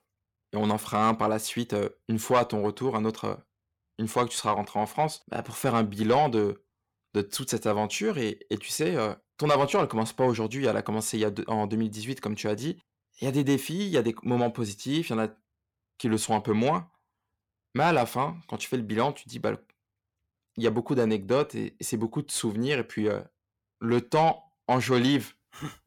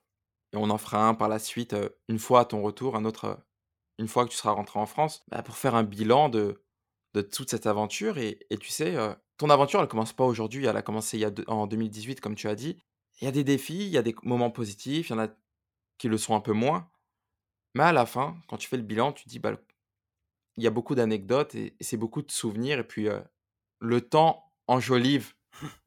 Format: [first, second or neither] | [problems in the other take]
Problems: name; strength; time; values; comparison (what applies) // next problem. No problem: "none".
second | distortion; slight; 10 dB below the speech